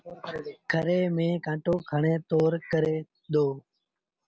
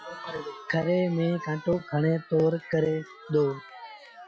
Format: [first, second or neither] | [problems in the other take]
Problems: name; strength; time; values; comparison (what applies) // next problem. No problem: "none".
first | noise reduction (classical method log-MMSE)